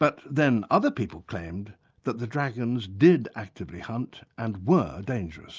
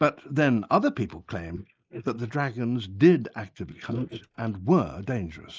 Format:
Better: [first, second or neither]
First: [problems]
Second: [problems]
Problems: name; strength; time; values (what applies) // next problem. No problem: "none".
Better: first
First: none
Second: noise reduction (neural mask model Resemble Enhance denoiser)